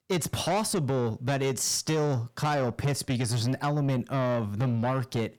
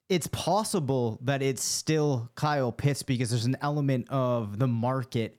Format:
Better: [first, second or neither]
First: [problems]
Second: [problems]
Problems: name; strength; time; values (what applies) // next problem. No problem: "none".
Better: second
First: distortion; slight; 10 dB below the speech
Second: none